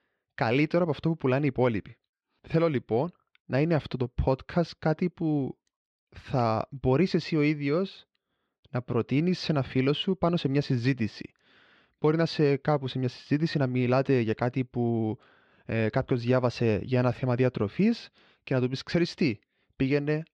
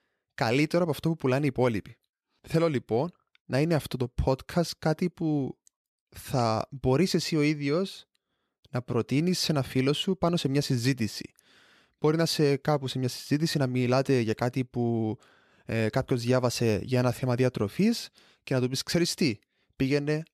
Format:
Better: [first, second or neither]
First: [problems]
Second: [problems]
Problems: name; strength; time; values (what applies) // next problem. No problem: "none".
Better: second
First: muffled; slightly; fading above 3.5 kHz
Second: none